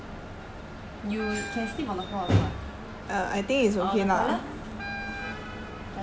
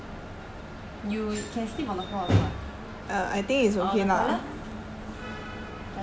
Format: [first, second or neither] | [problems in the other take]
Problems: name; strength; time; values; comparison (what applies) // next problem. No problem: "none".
second | background sound (Wind instrument, woodwind instrument); 11 dB below the speech